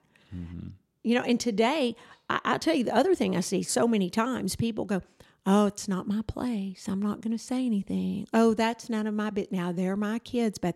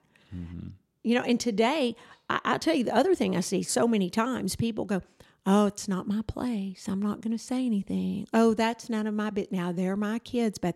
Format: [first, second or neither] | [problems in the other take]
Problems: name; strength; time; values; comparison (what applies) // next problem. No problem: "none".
neither | none